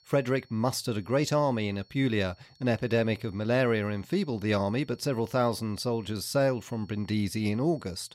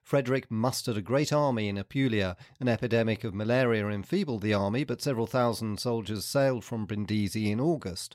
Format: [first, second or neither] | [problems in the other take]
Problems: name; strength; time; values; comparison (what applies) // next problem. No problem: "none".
second | high-pitched whine; faint; throughout; 4.5 kHz, 30 dB below the speech